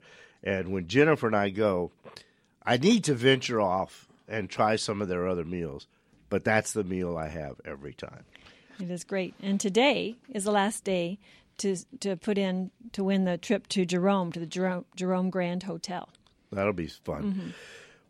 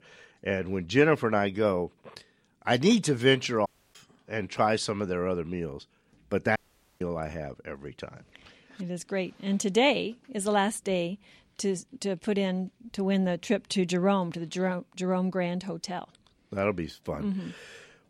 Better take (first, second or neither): first